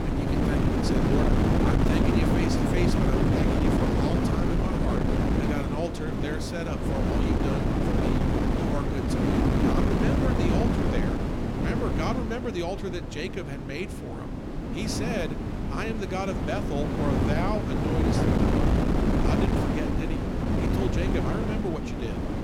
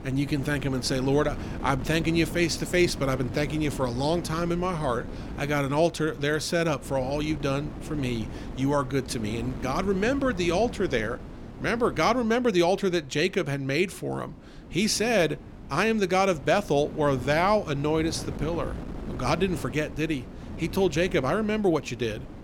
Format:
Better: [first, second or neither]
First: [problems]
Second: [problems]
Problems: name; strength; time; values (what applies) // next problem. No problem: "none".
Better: second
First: wind noise on the microphone; heavy; 4 dB above the speech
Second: wind noise on the microphone; occasional gusts; 15 dB below the speech